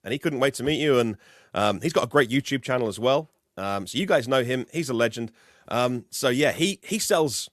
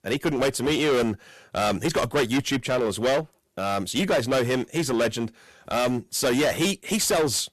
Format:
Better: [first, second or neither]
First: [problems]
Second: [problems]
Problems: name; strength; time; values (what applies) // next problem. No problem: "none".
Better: first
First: none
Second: distortion; heavy; 16% of the sound clipped